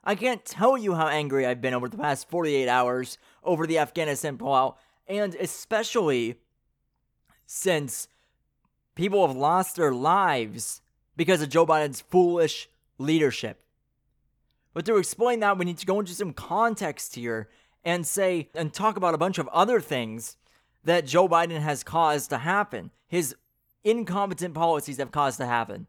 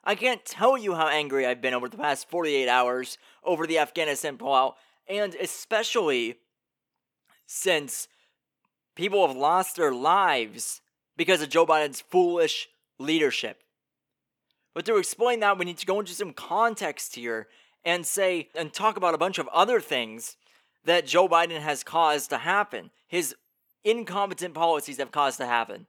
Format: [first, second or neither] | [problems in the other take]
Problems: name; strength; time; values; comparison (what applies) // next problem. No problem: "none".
first | thin; very slightly; fading below 300 Hz